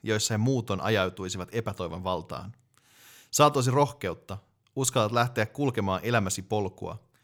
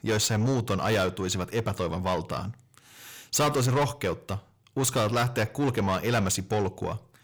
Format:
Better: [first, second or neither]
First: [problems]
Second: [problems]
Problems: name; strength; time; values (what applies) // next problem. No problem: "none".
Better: first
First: none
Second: distortion; heavy; 7 dB below the speech